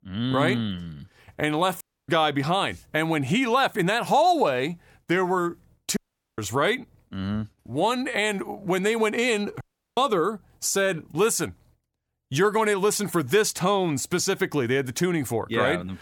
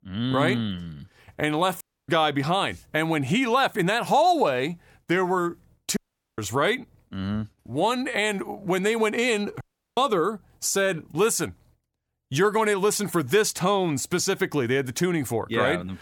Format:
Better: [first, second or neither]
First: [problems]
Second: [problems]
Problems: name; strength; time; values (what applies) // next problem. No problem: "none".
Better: neither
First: audio cutting out; at 2 s, at 6 s and at 9.5 s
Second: audio cutting out; at 2 s, at 6 s and at 9.5 s